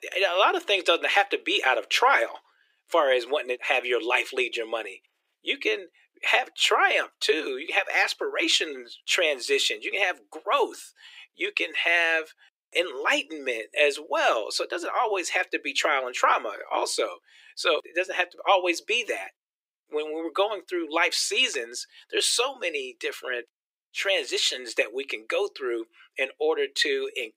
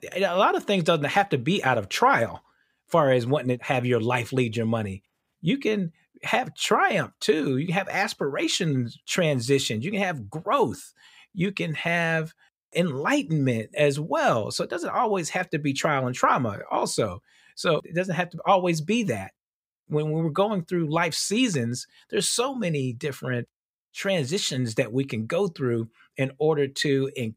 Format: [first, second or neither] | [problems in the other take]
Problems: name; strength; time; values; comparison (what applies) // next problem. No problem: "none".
second | thin; very; fading below 350 Hz